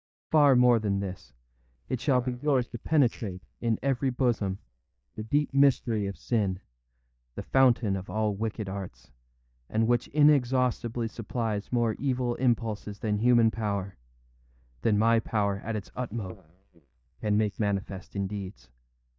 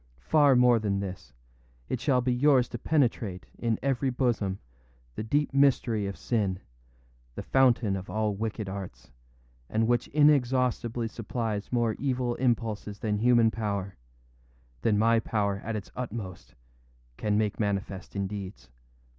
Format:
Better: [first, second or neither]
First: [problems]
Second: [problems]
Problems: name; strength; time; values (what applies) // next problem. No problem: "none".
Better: second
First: noise reduction (neural mask model DeepFilterNet 3)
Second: none